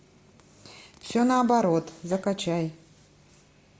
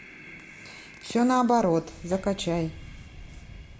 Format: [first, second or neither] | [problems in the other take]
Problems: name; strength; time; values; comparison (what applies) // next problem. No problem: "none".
first | background sound (Breathing); 17 dB below the speech